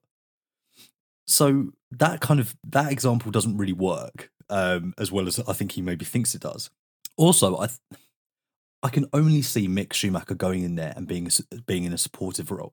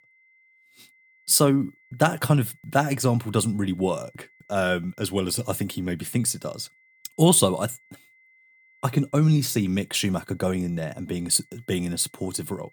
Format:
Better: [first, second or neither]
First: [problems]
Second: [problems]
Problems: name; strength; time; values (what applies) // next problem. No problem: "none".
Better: first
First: none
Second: high-pitched whine; faint; throughout; 2 kHz, 35 dB below the speech